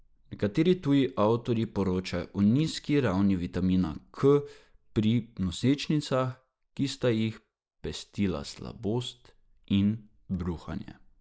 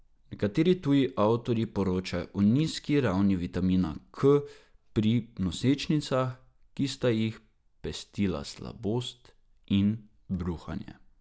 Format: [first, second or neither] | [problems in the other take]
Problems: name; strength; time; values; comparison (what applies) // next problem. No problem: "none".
second | noise reduction (neural mask model Resemble Enhance denoiser)